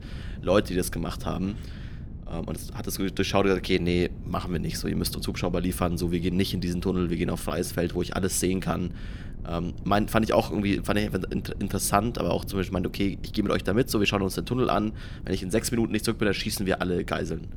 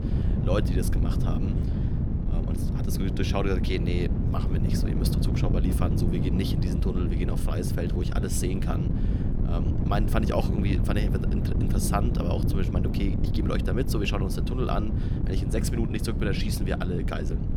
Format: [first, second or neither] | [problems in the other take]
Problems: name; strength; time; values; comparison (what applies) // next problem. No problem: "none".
first | wind noise on the microphone; heavy; 4 dB below the speech; occasional gusts in the first